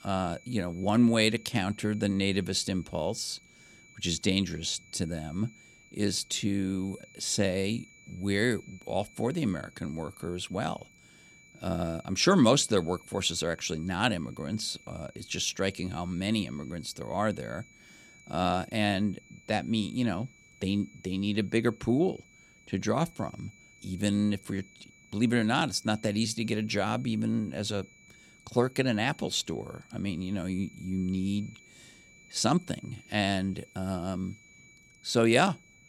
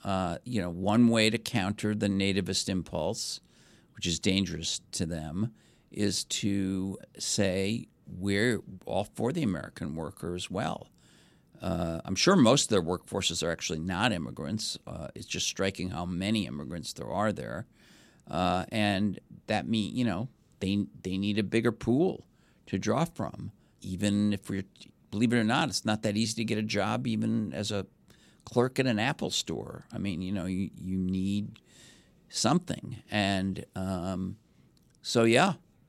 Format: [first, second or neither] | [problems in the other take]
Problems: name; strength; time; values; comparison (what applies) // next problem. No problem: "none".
second | high-pitched whine; faint; throughout; 2.5 kHz, 25 dB below the speech